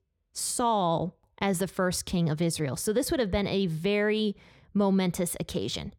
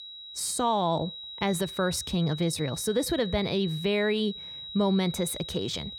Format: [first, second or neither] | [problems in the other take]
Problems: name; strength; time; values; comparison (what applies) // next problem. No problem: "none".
first | high-pitched whine; loud; throughout; 4 kHz, 10 dB below the speech